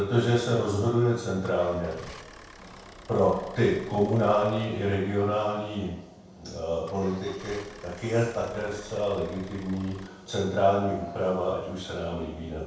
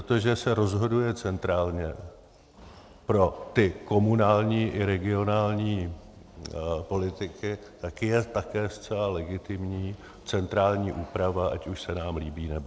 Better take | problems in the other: second | background sound (Idling / Engine starting / Motor vehicle (road)); 19 dB below the speech // room echo; dies away in 0.6 s

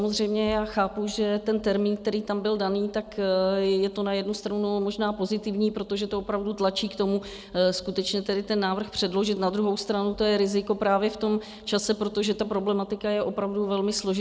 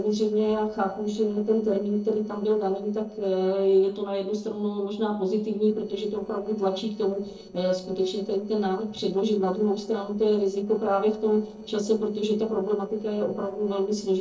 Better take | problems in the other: first | noise reduction (neural separator model SepFormer DNS4)

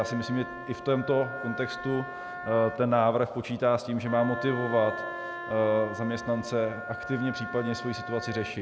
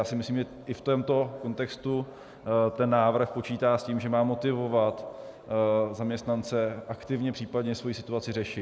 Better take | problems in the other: second | background sound (Wind instrument, woodwind instrument); 10 dB below the speech

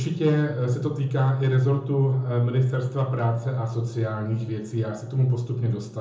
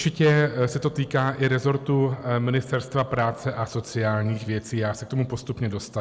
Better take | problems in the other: second | room echo; dies away in 0.6 s

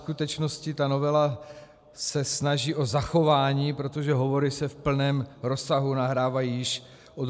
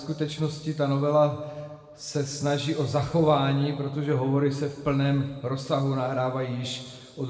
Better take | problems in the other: first | room echo; dies away in 1.6 s

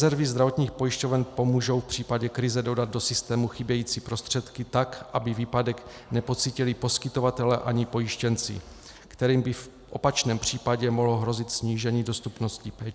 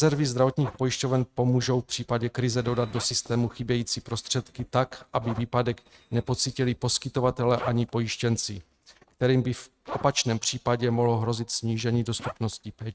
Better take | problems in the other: first | noise reduction (neural mask model RNNoise)

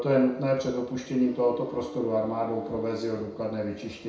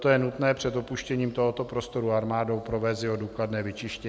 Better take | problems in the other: second | background sound (Wind instrument, woodwind instrument); 17 dB below the speech // room echo; dies away in 0.6 s

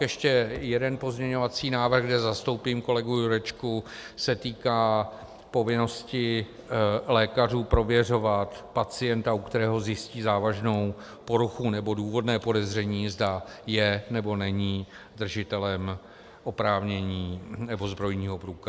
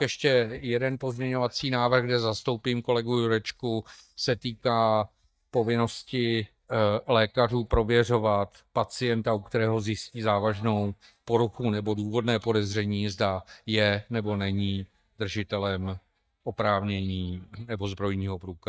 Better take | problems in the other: first | noise reduction (neural mask model DeepFilterNet 3)

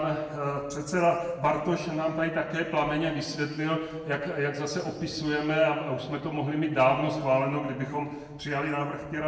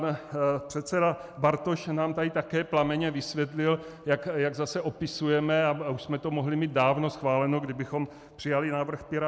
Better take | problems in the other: second | room echo; dies away in 1.1 s

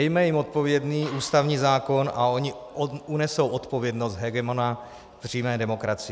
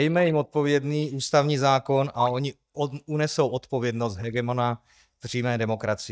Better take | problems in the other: first | noise reduction (neural mask model DeepFilterNet 3)

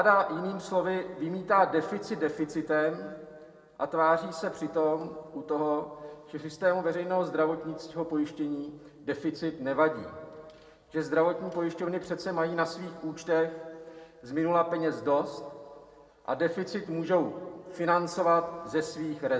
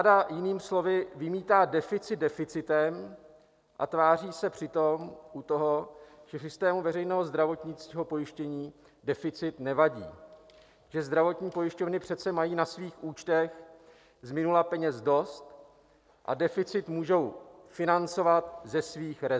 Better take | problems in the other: second | room echo; dies away in 1.8 s

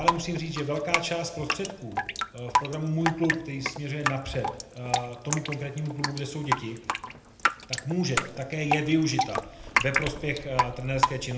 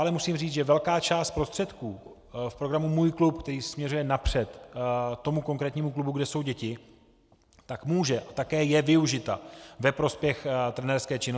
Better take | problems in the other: second | background sound (Drip); as loud as the speech // room echo; dies away in 0.7 s

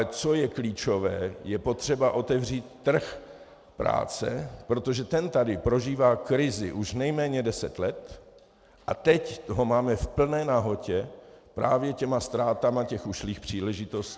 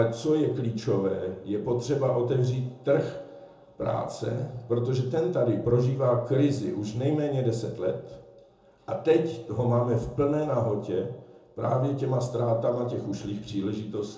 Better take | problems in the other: first | room echo; dies away in 0.5 s

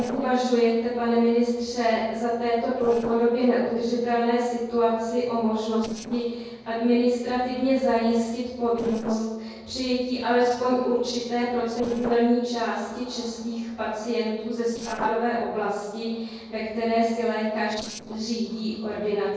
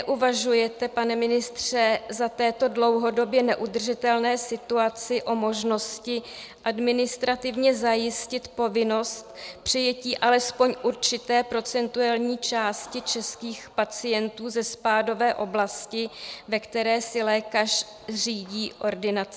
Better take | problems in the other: second | noise reduction (neural separator model SepFormer DNS4)

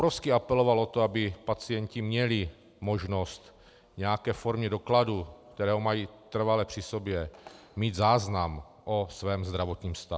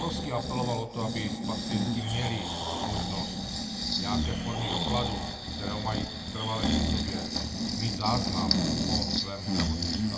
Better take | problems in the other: first | background sound (Breathing); 5 dB above the speech // room echo; dies away in 1.5 s

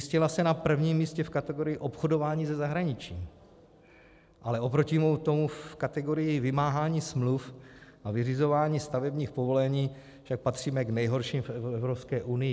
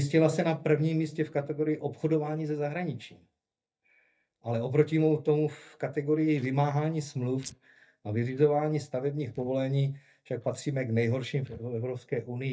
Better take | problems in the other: first | noise reduction (neural mask model DeepFilterNet 3)

